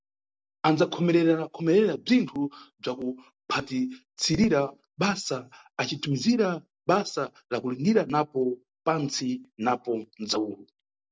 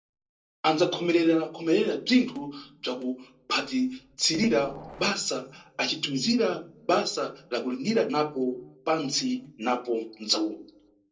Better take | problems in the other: first | background sound (Train); 16 dB below the speech // room echo; dies away in 0.2 s

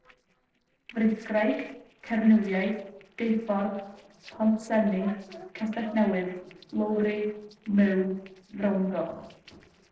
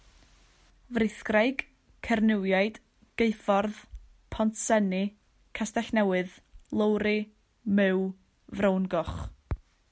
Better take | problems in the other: second | noise reduction (neural separator model SepFormer DNS4)

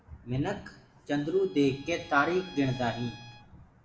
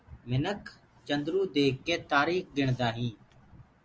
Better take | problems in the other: second | background sound (Bowed string instrument); 20 dB below the speech // room echo; dies away in 0.6 s

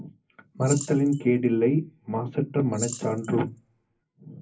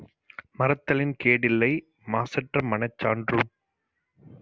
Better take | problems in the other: second | background sound (Rattle / Keys jangling); 15 dB below the speech // room echo; dies away in 0.3 s

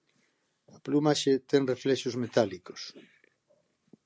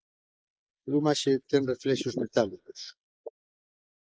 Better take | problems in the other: first | noise reduction (neural mask model Resemble Enhance denoiser)

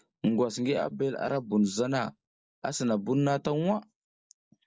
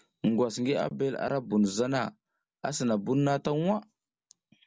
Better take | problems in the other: second | noise reduction (neural mask model Resemble Enhance denoiser)

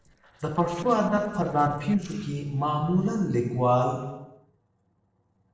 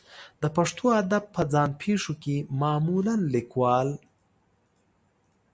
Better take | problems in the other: second | noise reduction (neural separator model SepFormer DNS4)

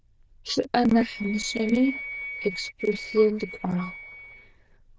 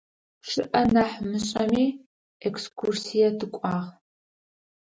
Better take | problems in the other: second | noise reduction (neural diffusion model UNIVERSE++)

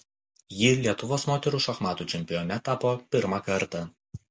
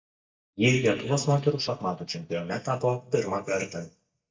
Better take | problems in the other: first | noise reduction (neural mask model DeepFilterNet 3)

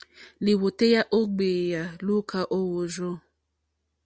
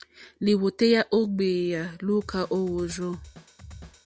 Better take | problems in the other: first | background sound (Drum kit); 19 dB below the speech

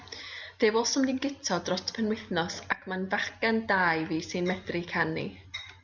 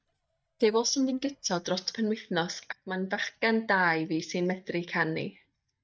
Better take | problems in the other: first | noise reduction (neural mask model DeepFilterNet 3)

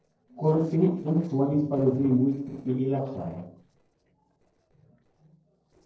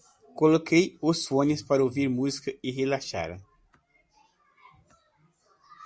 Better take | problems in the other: second | noise reduction (neural separator model SepFormer DNS4)

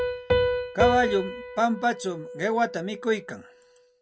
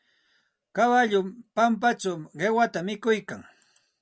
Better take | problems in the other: second | background sound (Piano); 1 dB below the speech

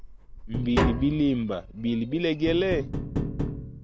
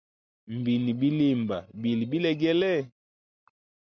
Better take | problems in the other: second | background sound (Tap); 4 dB below the speech

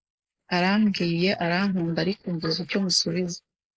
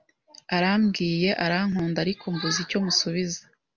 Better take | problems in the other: second | noise reduction (neural mask model Resemble Enhance denoiser)

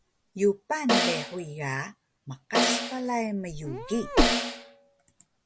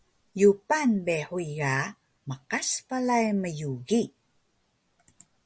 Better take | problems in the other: second | background sound (Meow + Snare drum); 3 dB above the speech

